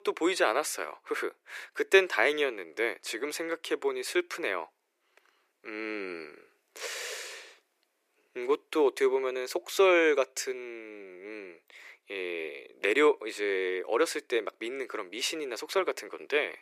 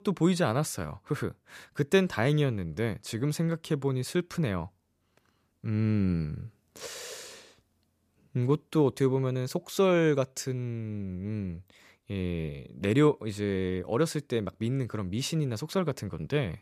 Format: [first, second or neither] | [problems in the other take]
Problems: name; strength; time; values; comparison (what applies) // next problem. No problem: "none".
second | thin; very; fading below 350 Hz